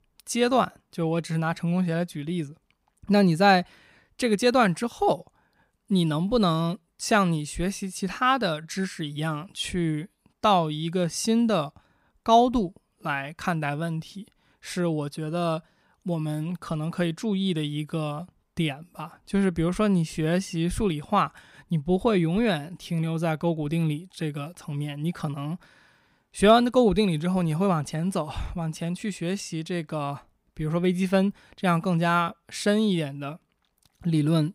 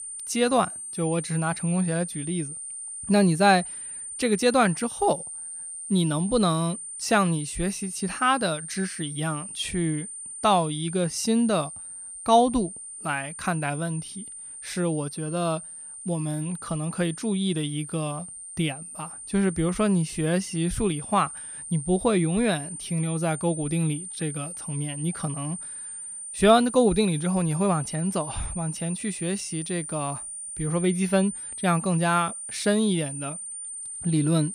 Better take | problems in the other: first | high-pitched whine; loud; throughout; 9 kHz, 9 dB below the speech

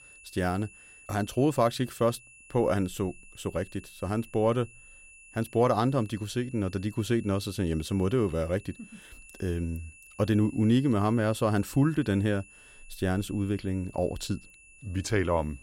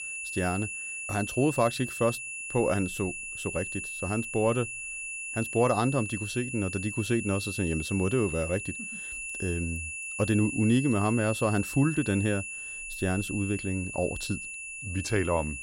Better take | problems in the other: first | high-pitched whine; loud; throughout; 2.5 kHz, 6 dB below the speech; faint in the first

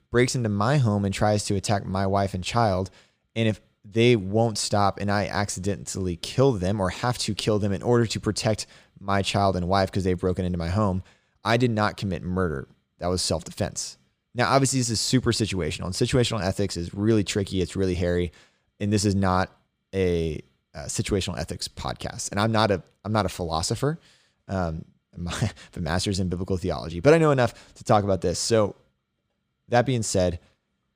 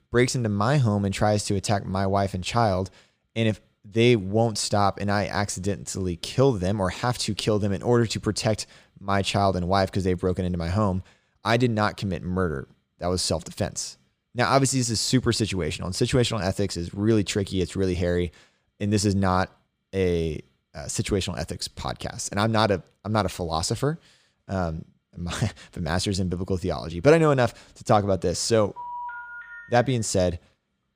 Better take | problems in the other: first | phone ringing; noticeable; from 29 to 30 s; peak 10 dB below the speech

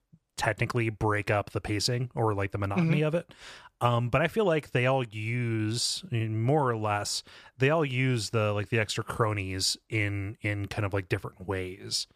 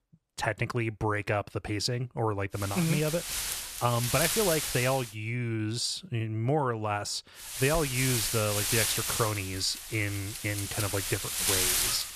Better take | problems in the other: first | wind noise on the microphone; heavy; from 2.5 to 5 s and from 7.5 s on; as loud as the speech

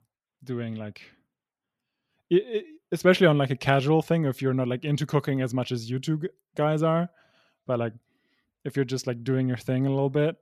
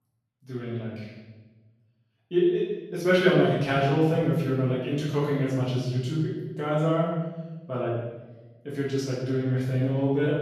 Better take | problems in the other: first | off-mic speech; far // room echo; strong; dies away in 1 s

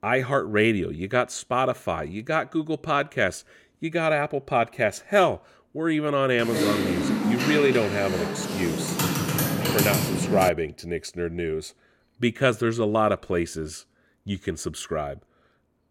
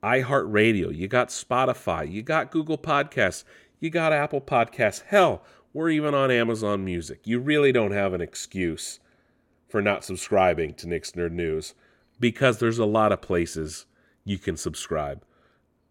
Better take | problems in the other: second | keyboard typing; loud; from 6.5 to 10 s; peak 3 dB above the speech

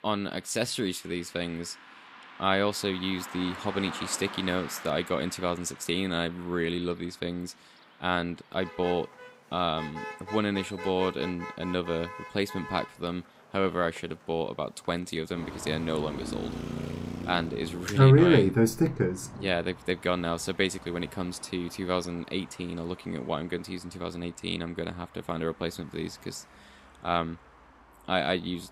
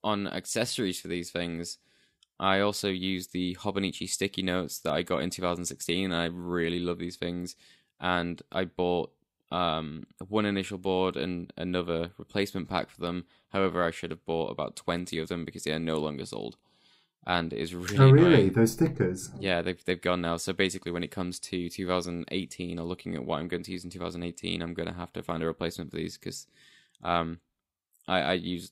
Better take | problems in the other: second | traffic noise; noticeable; throughout; 15 dB below the speech

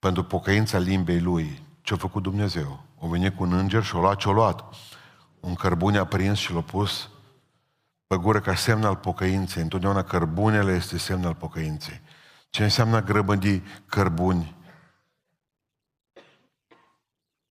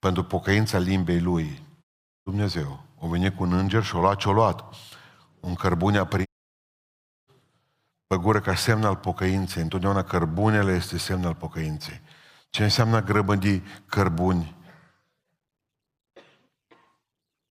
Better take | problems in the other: first | audio cutting out; at 2 s and at 6.5 s for 1 s

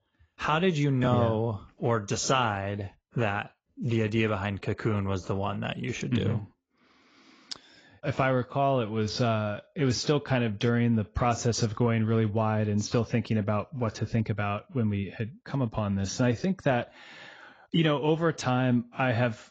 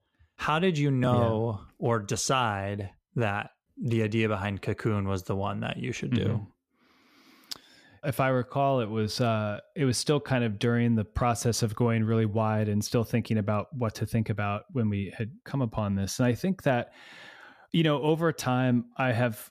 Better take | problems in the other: second | garbled, watery; badly; nothing above 7.5 kHz

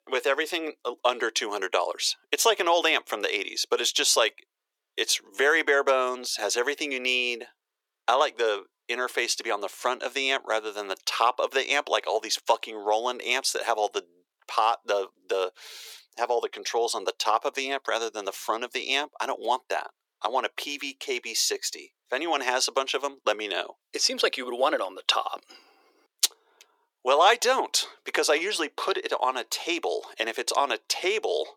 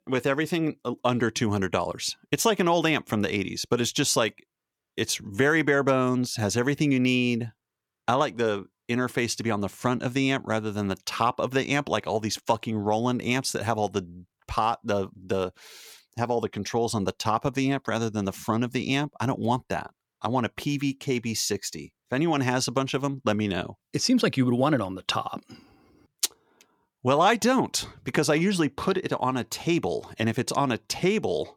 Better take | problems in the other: second | thin; very; fading below 400 Hz

